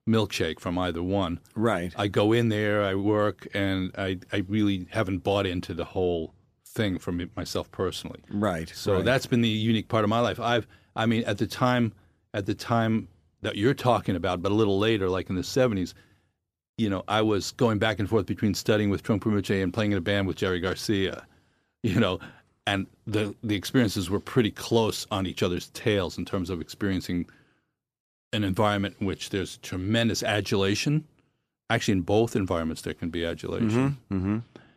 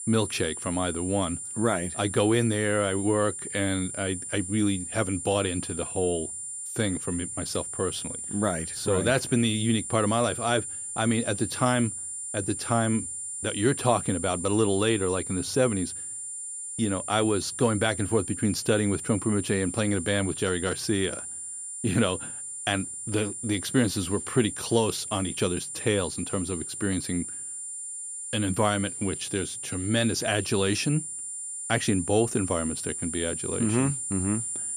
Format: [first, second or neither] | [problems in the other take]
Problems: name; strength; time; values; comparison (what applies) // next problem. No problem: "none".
first | high-pitched whine; loud; throughout; 9.5 kHz, 6 dB below the speech